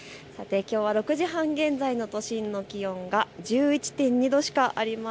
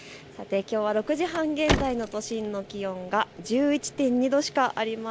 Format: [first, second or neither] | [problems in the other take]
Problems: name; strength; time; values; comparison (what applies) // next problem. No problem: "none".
first | background sound (Car); 8 dB below the speech